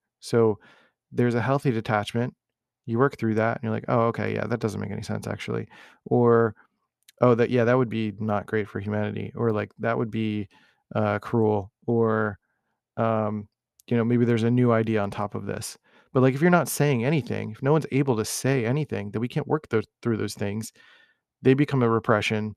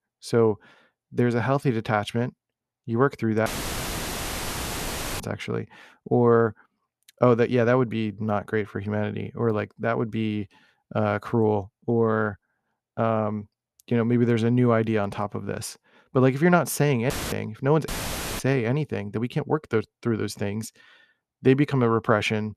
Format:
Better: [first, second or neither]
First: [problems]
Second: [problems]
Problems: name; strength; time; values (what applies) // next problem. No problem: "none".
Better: first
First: none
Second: audio cutting out; filled with static; at 3.5 s for 1.5 s, at 17 s and at 18 s for 0.5 s